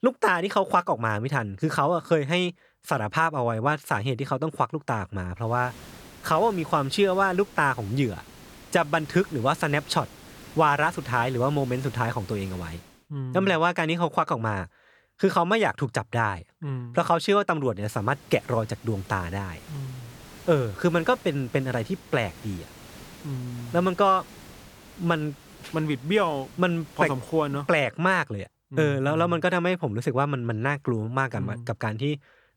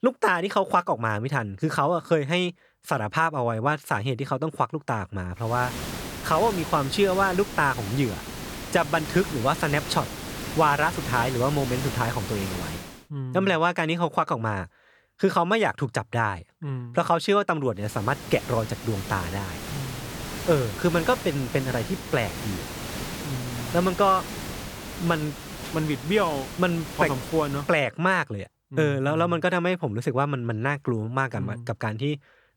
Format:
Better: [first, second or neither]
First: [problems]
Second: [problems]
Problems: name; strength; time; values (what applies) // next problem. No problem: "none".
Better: first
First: hiss; faint; from 5.5 to 13 s and from 18 to 28 s; 20 dB below the speech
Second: hiss; loud; from 5.5 to 13 s and from 18 to 28 s; 9 dB below the speech